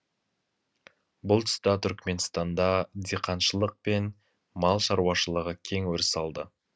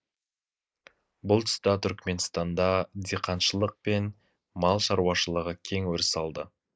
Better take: first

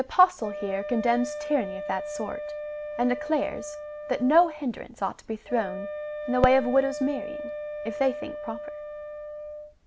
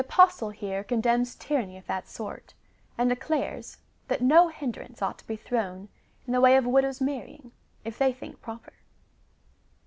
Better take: second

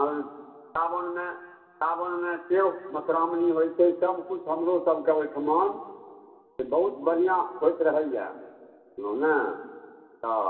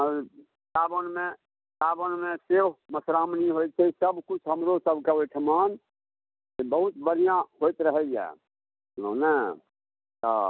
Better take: second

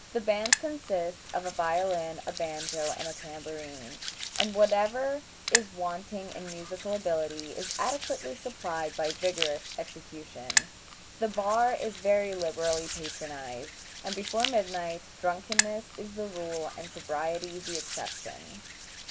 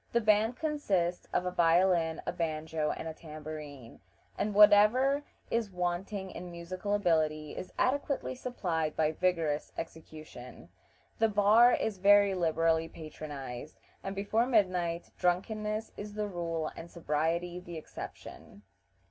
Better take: second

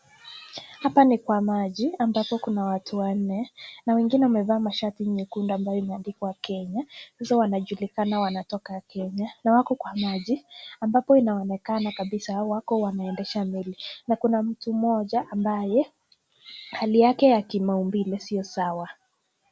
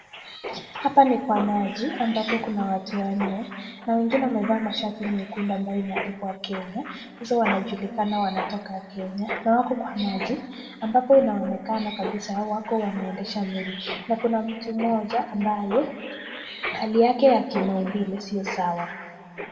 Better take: first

